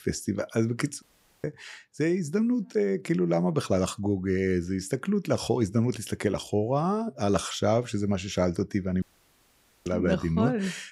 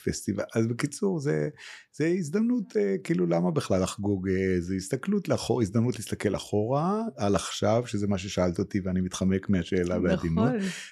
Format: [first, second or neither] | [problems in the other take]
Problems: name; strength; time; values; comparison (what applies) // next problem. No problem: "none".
second | audio cutting out; at 1 s and at 9 s for 1 s